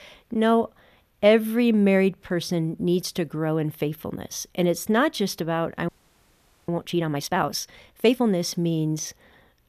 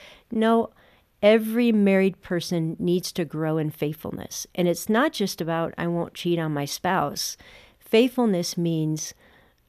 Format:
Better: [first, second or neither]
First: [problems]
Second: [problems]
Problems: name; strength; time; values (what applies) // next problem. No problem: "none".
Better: second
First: audio freezing; at 6 s for 1 s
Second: none